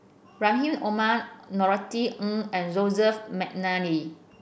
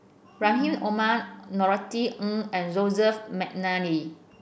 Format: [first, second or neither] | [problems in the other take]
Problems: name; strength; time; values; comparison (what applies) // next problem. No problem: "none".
first | background sound (Ringtone); 15 dB below the speech